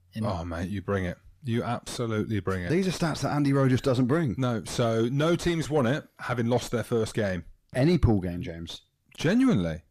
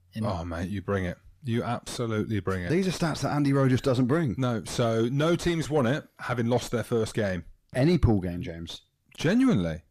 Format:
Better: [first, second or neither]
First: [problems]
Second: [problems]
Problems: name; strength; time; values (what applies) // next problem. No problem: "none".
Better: neither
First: distortion; slight; 10 dB below the speech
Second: distortion; slight; 10 dB below the speech